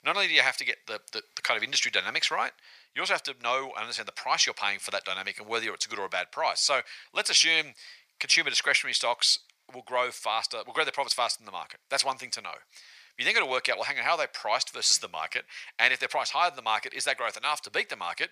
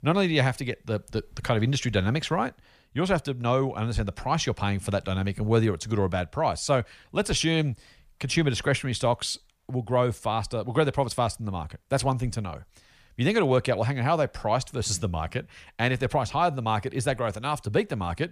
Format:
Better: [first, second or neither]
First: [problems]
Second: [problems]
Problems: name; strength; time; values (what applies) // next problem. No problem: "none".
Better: second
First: thin; very; fading below 850 Hz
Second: none